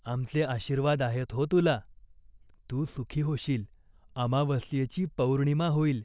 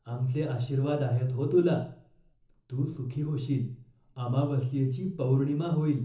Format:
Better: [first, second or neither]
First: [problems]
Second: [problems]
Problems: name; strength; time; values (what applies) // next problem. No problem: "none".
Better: first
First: none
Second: room echo; dies away in 0.6 s